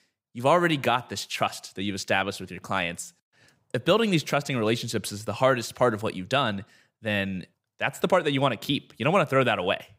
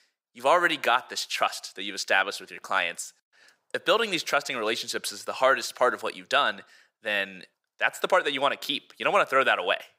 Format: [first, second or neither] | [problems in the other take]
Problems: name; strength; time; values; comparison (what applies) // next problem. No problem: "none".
first | thin; somewhat; fading below 450 Hz